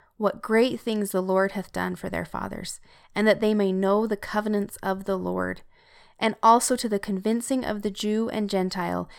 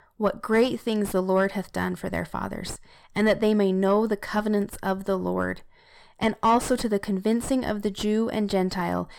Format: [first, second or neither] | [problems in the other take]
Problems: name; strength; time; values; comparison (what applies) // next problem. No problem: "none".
first | distortion; slight; 9 dB below the speech